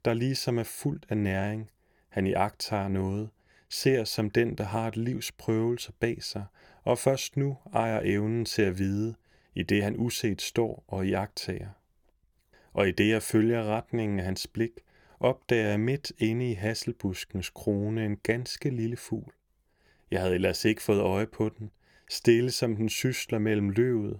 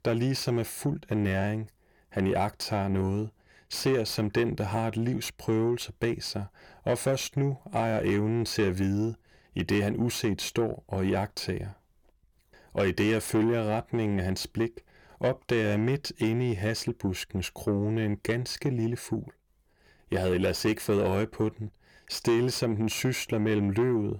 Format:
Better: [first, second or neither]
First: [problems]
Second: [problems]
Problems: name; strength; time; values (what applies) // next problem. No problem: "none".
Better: first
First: none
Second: distortion; slight; 10 dB below the speech